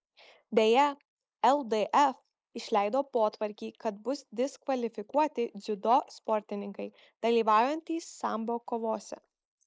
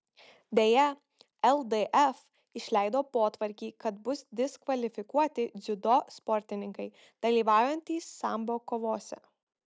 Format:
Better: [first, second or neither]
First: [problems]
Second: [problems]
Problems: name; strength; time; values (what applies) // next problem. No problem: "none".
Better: second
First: noise reduction (neural mask model Resemble Enhance denoiser)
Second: none